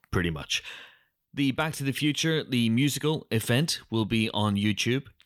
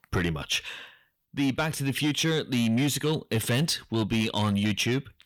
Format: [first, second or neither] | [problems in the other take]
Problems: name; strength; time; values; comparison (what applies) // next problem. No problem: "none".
first | distortion; slight; 10 dB below the speech